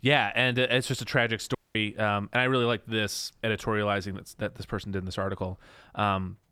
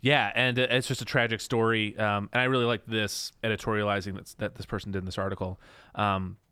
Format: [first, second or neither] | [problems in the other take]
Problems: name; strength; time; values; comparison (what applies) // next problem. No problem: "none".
second | audio cutting out; at 1.5 s